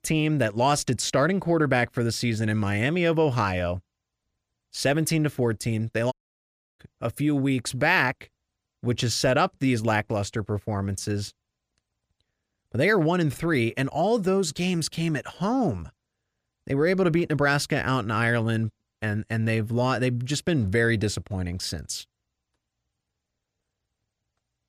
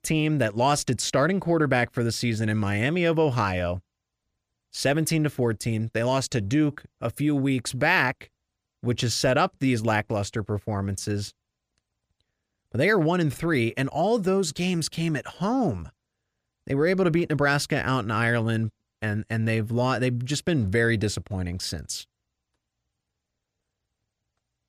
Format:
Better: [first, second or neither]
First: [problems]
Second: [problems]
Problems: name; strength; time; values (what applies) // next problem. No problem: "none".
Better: second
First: audio cutting out; at 6 s for 0.5 s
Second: none